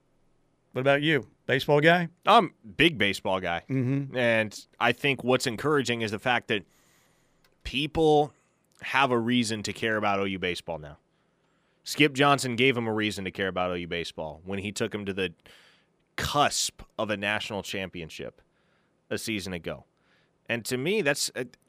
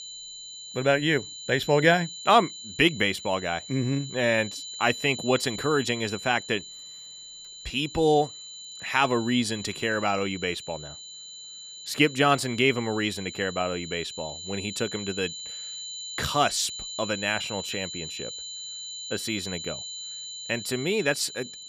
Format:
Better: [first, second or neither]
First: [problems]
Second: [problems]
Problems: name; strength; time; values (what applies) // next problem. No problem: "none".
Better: first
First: none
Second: high-pitched whine; noticeable; throughout; 4 kHz, 10 dB below the speech